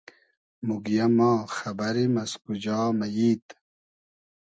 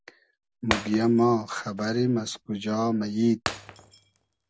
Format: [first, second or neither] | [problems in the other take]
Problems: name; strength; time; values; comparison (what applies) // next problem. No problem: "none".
first | background sound (Shatter); 11 dB below the speech